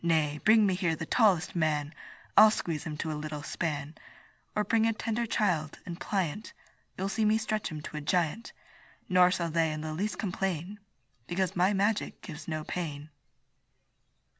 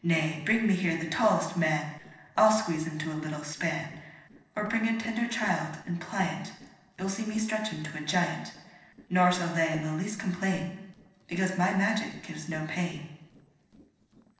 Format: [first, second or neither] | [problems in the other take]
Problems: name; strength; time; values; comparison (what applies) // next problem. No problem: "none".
first | noise reduction (neural separator model SepFormer DNS4)